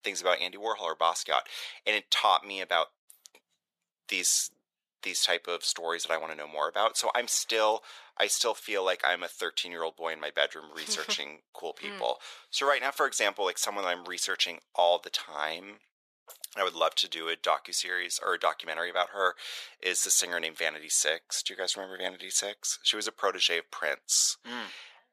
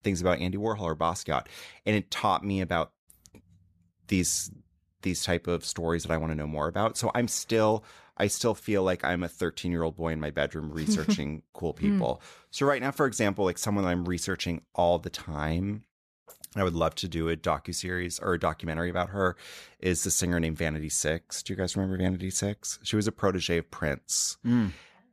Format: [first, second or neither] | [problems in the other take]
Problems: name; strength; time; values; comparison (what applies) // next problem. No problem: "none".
second | thin; very; fading below 550 Hz